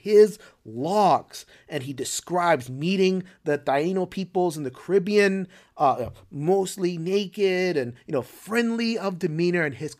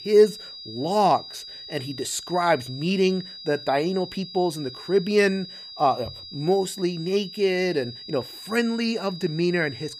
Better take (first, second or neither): first